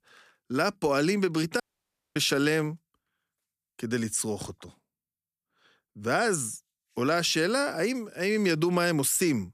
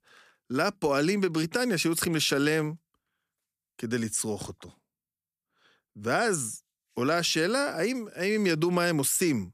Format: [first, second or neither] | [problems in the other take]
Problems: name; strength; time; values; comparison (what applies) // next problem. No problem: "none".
second | audio cutting out; at 1.5 s for 0.5 s